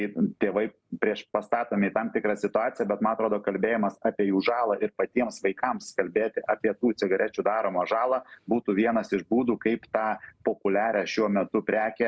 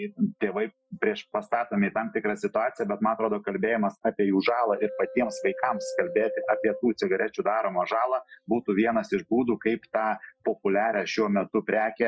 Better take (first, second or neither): first